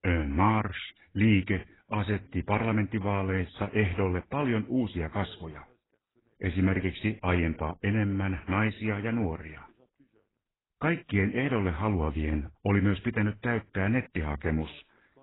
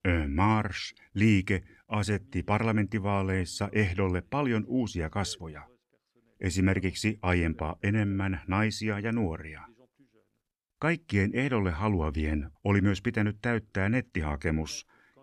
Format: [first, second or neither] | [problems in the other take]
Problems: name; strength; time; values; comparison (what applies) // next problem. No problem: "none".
second | garbled, watery; badly; nothing above 4 kHz